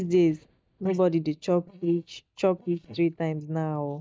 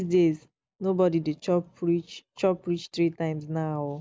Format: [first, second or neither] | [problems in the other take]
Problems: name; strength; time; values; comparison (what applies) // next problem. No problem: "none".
second | noise reduction (neural mask model DeepFilterNet 3)